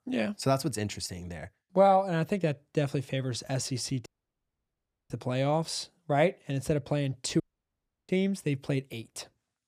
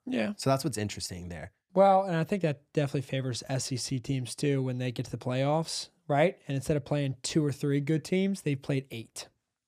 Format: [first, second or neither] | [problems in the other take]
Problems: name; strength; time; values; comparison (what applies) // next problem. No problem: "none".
second | audio cutting out; at 4 s for 1 s and at 7.5 s for 0.5 s